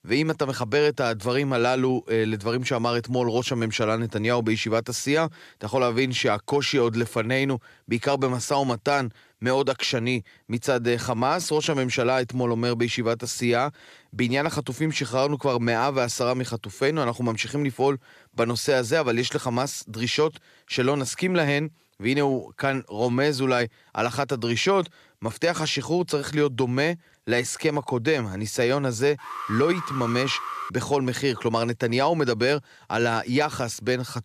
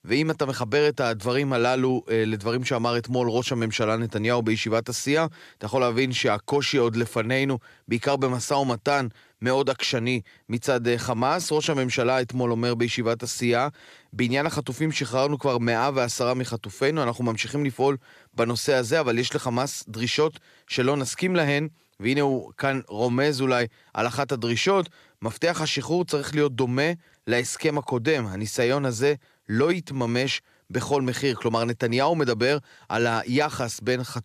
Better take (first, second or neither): second